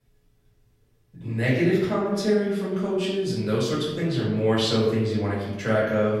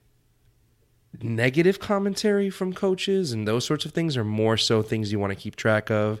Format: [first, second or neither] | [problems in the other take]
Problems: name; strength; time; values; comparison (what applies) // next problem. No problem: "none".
second | room echo; noticeable; dies away in 1 s // off-mic speech; far